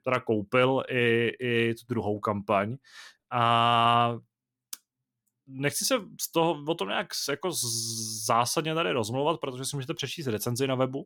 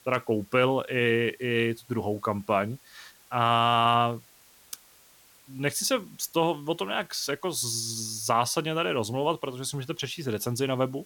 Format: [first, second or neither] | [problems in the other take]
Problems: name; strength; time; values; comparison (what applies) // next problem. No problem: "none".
first | hiss; faint; throughout; 30 dB below the speech